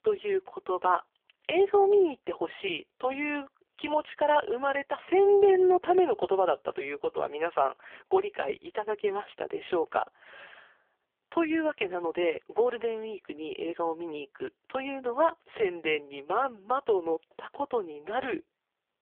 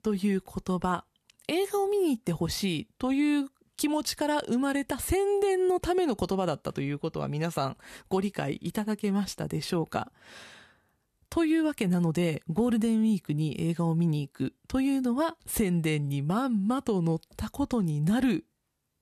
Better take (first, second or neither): second